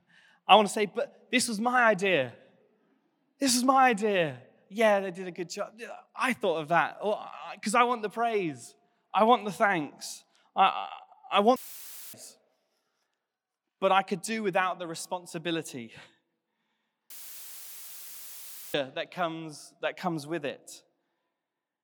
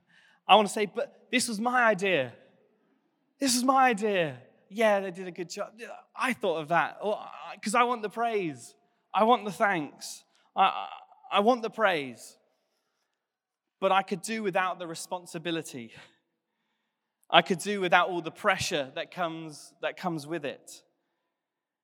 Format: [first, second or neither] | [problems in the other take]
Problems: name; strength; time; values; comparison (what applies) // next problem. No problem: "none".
second | audio cutting out; filled with static; at 12 s for 0.5 s and at 17 s for 1.5 s